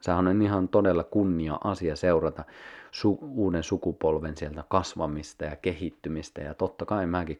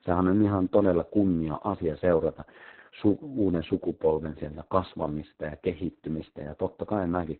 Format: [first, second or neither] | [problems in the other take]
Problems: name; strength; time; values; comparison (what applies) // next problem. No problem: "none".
first | garbled, watery; badly; nothing above 4 kHz